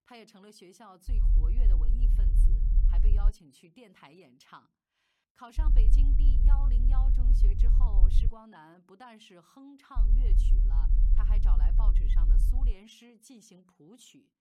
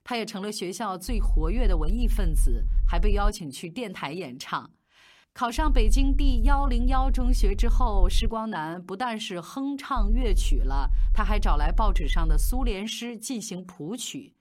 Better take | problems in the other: second | low rumble; loud; from 1 to 3.5 s, from 5.5 to 8.5 s and from 10 to 13 s; 1 dB below the speech; faint in the second

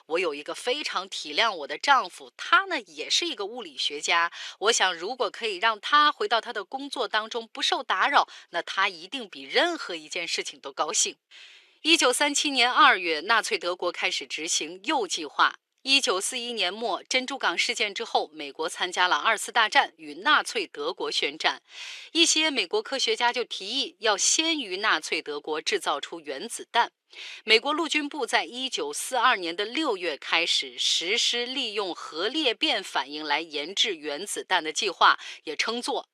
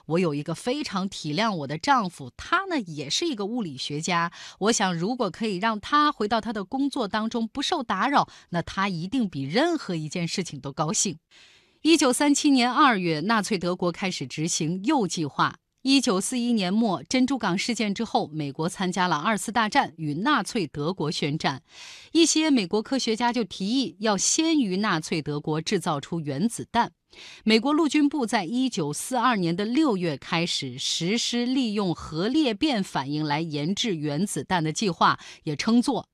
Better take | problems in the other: second | thin; very; fading below 400 Hz

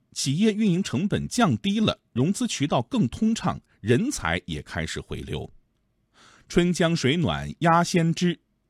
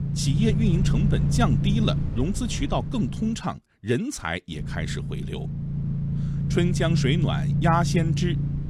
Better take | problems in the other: first | low rumble; loud; until 3.5 s and from 4.5 s on; 7 dB below the speech

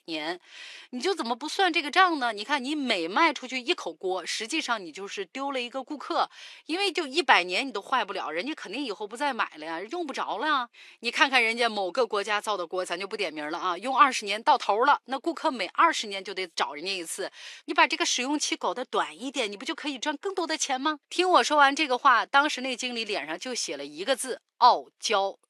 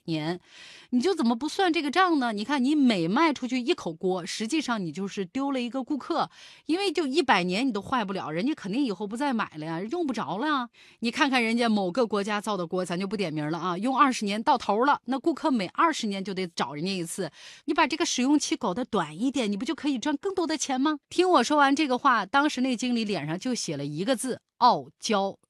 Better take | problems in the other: second | thin; somewhat; fading below 400 Hz

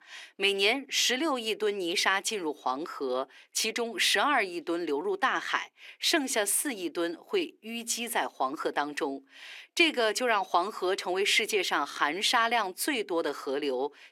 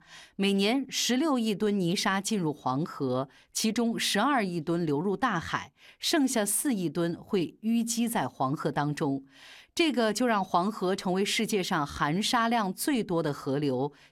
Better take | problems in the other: second | thin; somewhat; fading below 350 Hz

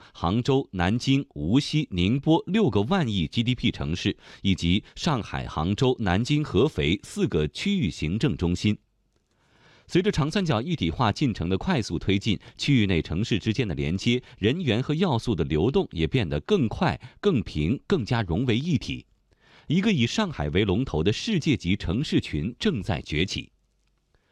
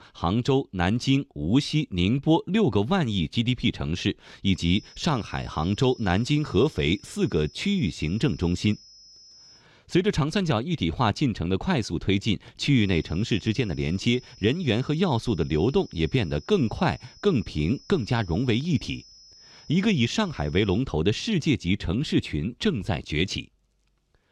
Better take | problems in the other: first | high-pitched whine; faint; from 4.5 to 9.5 s and from 13 to 21 s; 5 kHz, 25 dB below the speech

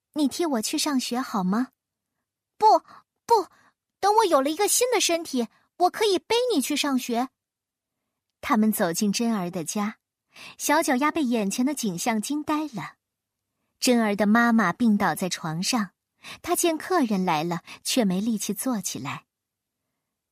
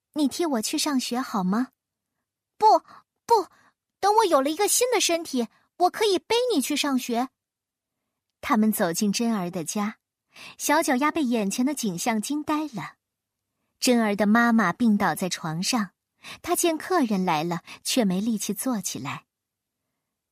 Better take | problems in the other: neither | none

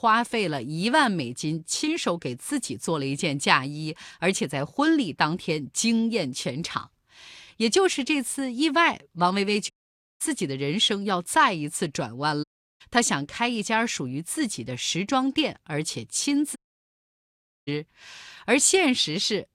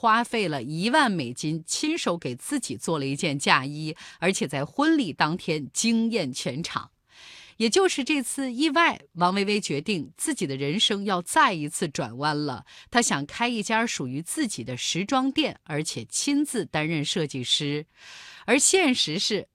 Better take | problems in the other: second | audio cutting out; at 9.5 s for 0.5 s, at 12 s and at 17 s for 1 s

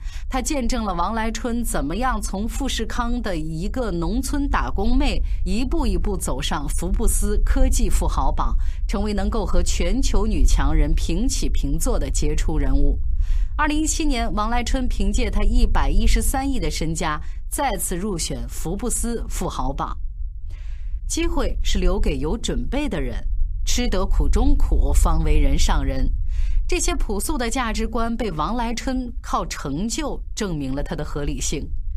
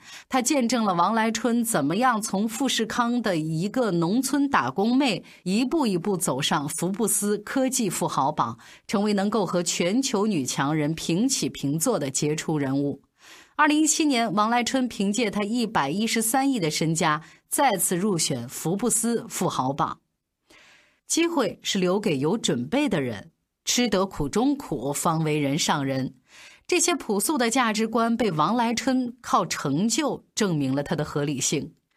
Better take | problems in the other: second | low rumble; faint; throughout; 25 dB below the speech

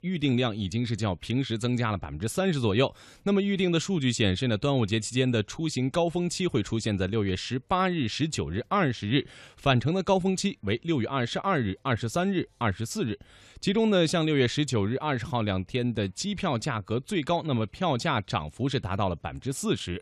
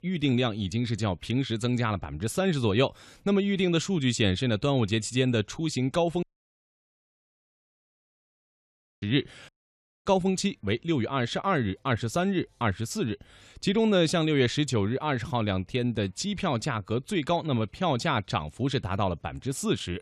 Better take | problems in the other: first | audio cutting out; at 6 s for 3 s and at 9.5 s for 0.5 s

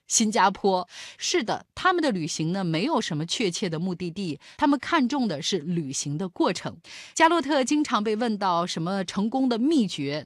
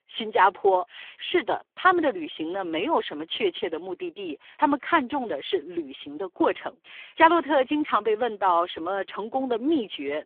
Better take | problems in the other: first | phone-call audio; poor line; nothing above 3.5 kHz

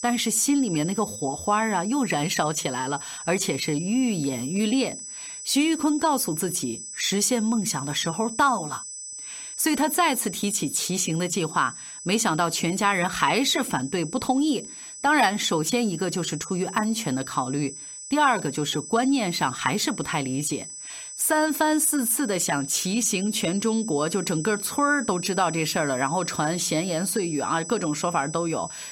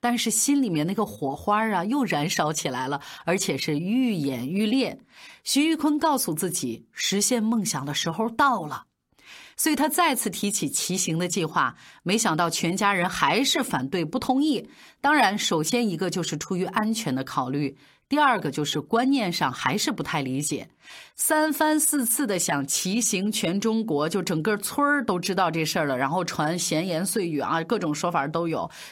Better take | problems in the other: second | high-pitched whine; noticeable; throughout; 8 kHz, 10 dB below the speech

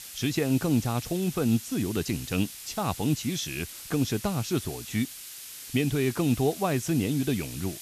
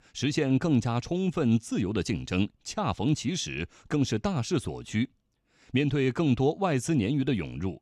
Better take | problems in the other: second | hiss; noticeable; throughout; 10 dB below the speech

